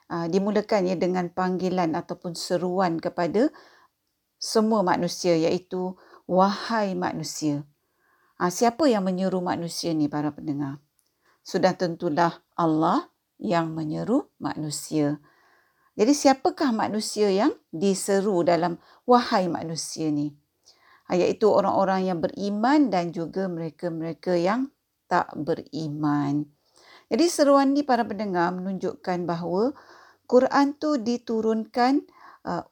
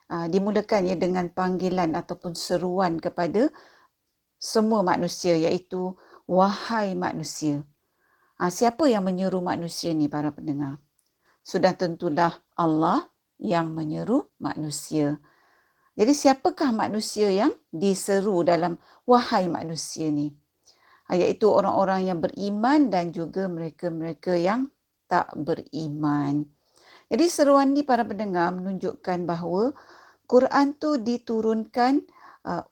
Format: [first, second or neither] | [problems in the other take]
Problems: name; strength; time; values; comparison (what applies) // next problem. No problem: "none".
first | garbled, watery; slightly; nothing above 18.5 kHz